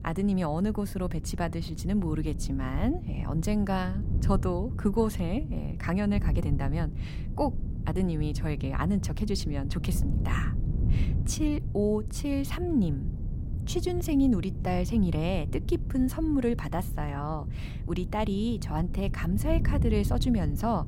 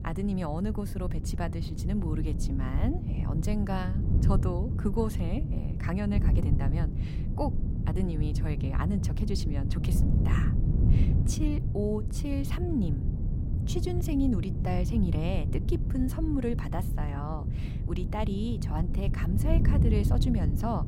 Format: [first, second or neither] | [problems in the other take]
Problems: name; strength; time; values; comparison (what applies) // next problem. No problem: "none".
first | wind noise on the microphone; heavy; 5 dB below the speech; occasional gusts in the first